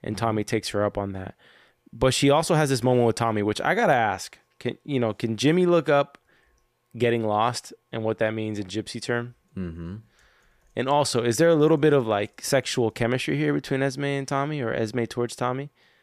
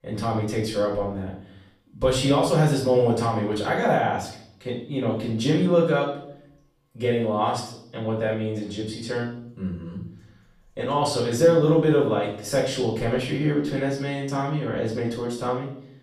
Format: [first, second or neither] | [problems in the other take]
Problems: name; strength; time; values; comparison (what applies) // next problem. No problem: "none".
first | room echo; noticeable; dies away in 0.6 s // off-mic speech; far